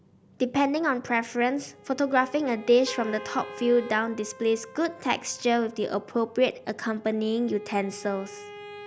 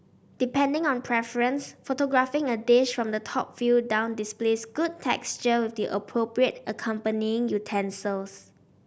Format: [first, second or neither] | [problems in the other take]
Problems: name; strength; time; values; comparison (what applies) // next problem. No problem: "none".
second | background sound (Keyboard (musical) + Bowed string instrument); 18 dB below the speech